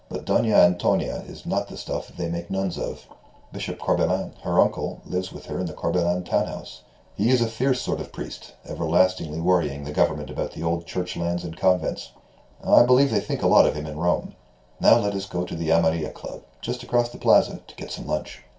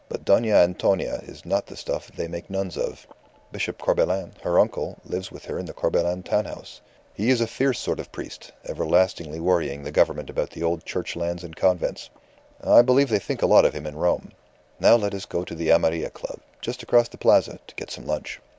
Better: second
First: room echo; dies away in 0.2 s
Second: none

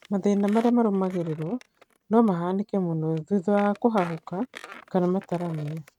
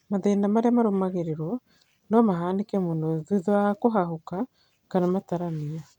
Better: second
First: noise reduction (neural mask model RNNoise)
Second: none

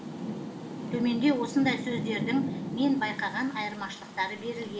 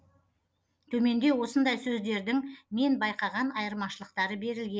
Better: second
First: background sound (Rain); 6 dB below the speech // room echo; dies away in 1.8 s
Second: none

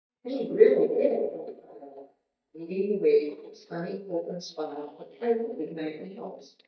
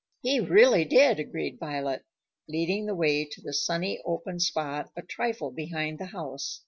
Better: second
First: noise reduction (neural mask model DeepFilterNet 3)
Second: none

